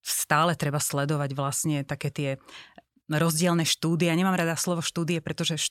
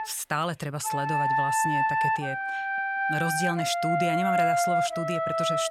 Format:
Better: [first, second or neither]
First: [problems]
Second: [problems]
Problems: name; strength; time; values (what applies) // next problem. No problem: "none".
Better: first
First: none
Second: background music; very loud; throughout; 5 dB above the speech